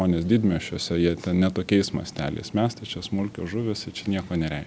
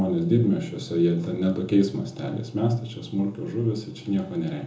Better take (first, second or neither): first